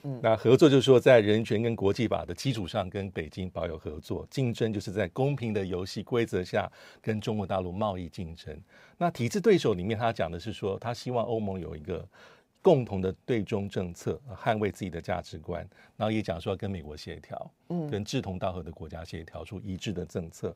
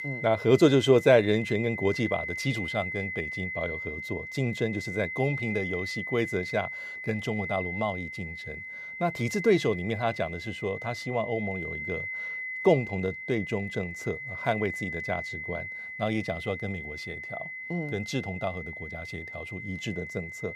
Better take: first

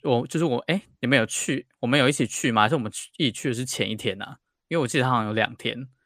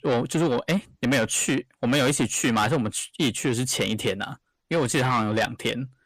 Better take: first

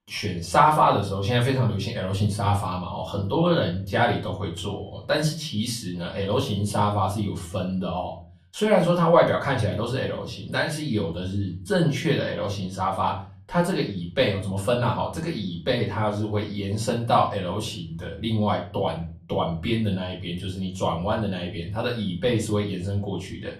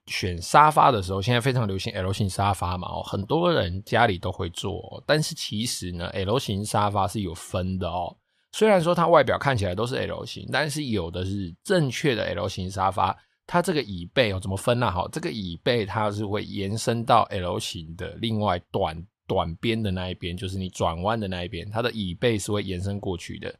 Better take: second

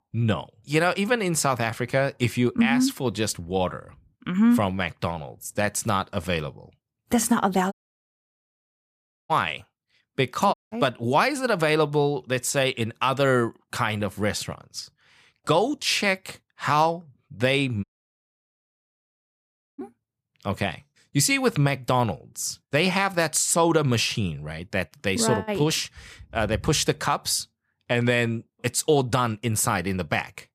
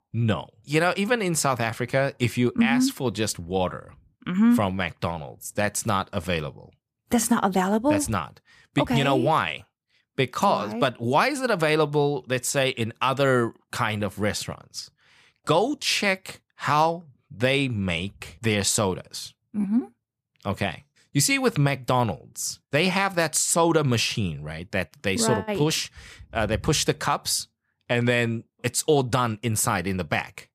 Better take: second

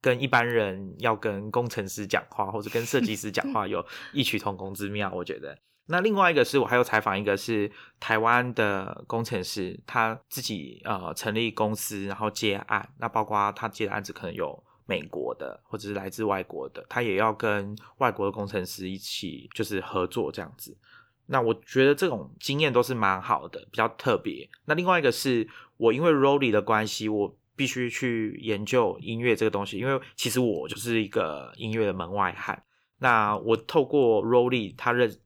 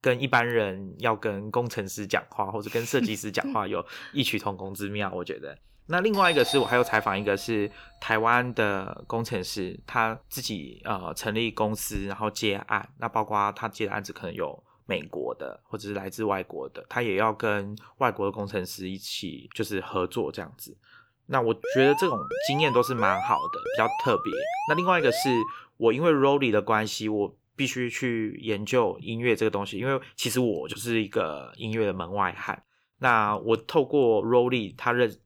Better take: first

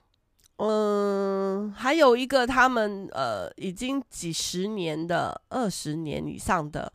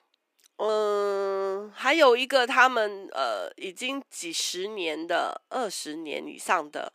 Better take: first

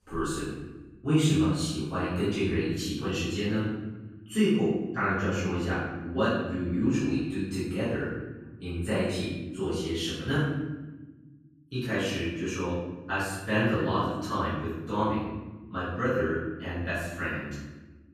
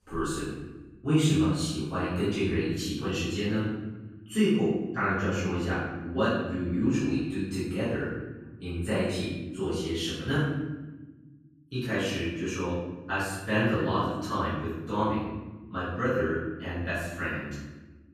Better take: neither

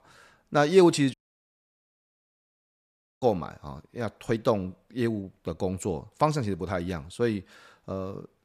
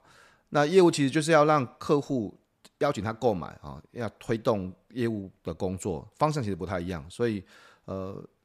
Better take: second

